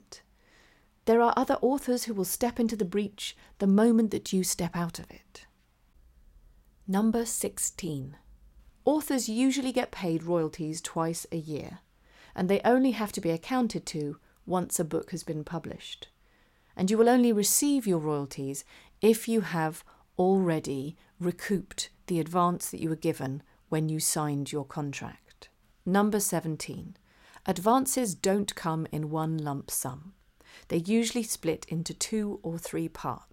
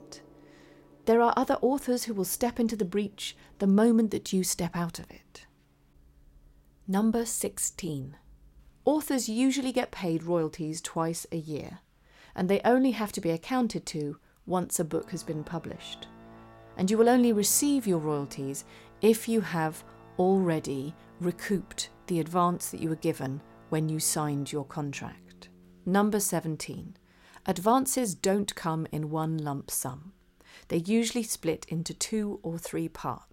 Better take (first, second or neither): first